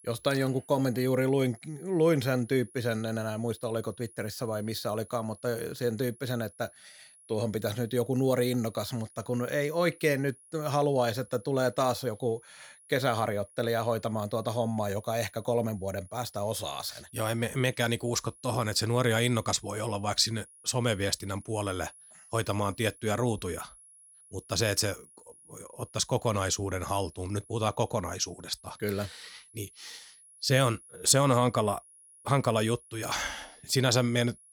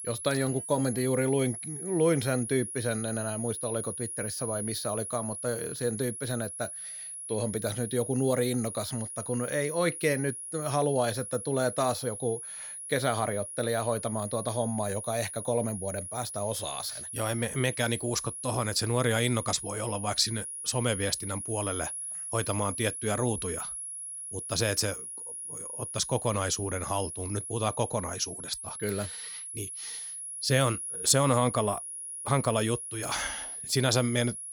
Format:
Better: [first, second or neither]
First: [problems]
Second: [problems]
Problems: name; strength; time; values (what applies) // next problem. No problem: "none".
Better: first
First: high-pitched whine; faint; throughout; 10.5 kHz, 25 dB below the speech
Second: high-pitched whine; loud; throughout; 10.5 kHz, 6 dB below the speech